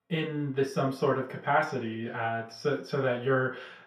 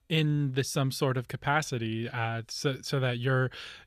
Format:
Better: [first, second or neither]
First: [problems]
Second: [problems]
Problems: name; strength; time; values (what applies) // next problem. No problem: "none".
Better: second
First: room echo; slight; dies away in 0.4 s // off-mic speech; far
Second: none